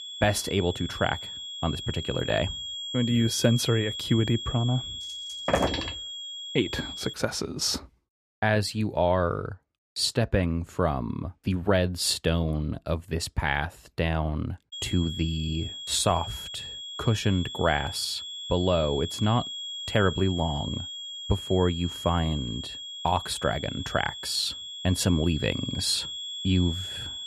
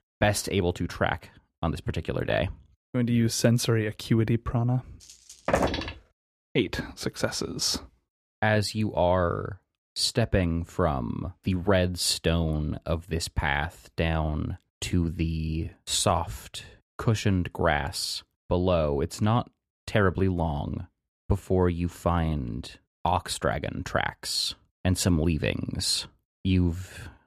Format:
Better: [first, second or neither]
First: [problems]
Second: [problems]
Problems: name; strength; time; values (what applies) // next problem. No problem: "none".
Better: second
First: high-pitched whine; loud; until 7 s and from 15 s on; 3.5 kHz, 7 dB below the speech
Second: none